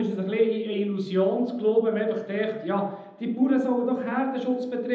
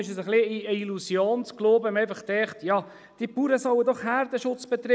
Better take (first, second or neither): second